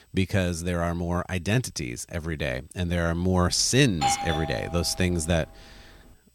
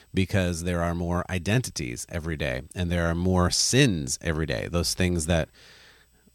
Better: second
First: doorbell; noticeable; from 4 to 5 s; peak level with the speech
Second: none

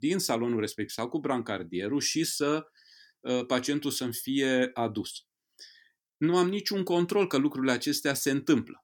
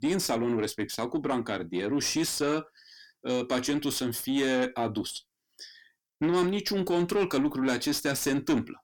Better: first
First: none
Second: distortion; slight; 10 dB below the speech

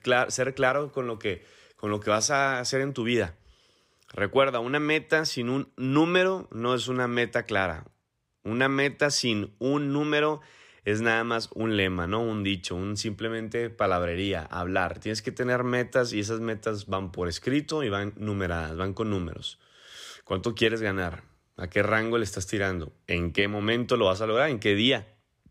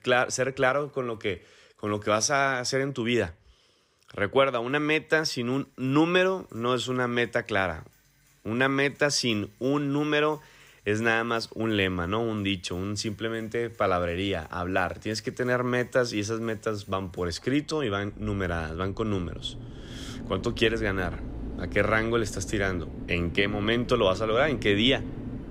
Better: first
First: none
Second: machinery noise; noticeable; from 5.5 s on; 15 dB below the speech

